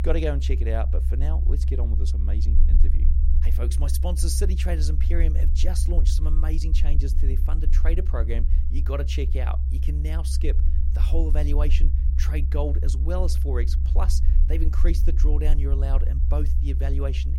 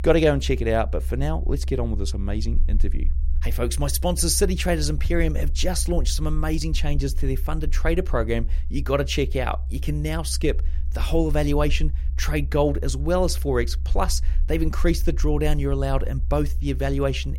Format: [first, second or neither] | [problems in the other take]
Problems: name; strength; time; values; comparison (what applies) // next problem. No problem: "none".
second | low rumble; loud; throughout; 8 dB below the speech; faint in the second